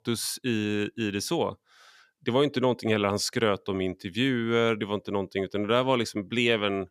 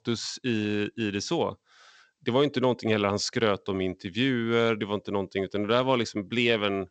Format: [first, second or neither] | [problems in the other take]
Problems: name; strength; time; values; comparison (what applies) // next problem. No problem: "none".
first | garbled, watery; slightly; nothing above 7.5 kHz